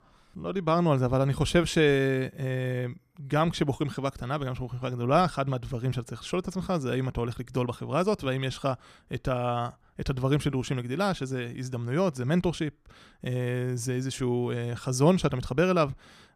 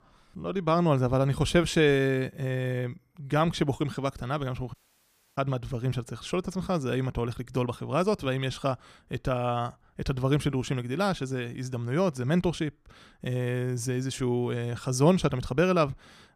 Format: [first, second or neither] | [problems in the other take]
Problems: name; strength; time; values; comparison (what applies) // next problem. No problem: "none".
first | audio cutting out; at 4.5 s for 0.5 s